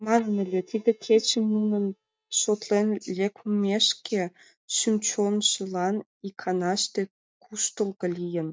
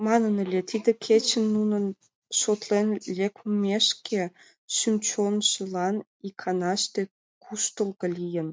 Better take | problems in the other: second | noise reduction (neural mask model DeepFilterNet 3)

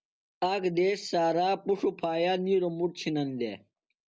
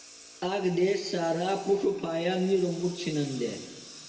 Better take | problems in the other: first | background sound (Engine); 19 dB below the speech // room echo; dies away in 1.6 s

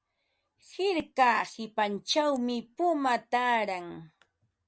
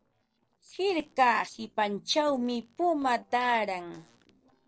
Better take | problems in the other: first | noise reduction (neural separator model SepFormer DNS4)

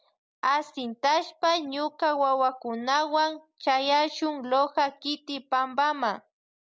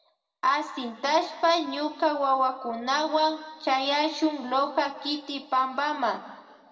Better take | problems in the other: first | room echo; dies away in 1.7 s

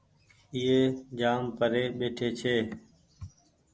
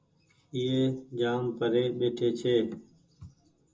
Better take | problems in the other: first | room echo; dies away in 0.2 s

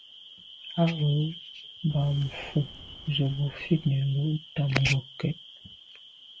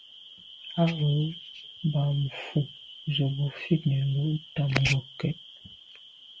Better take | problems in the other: second | background sound (Subway, metro, underground); 20 dB below the speech

